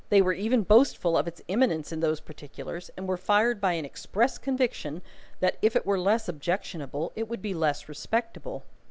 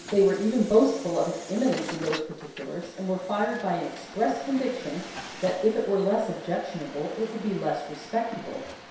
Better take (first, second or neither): first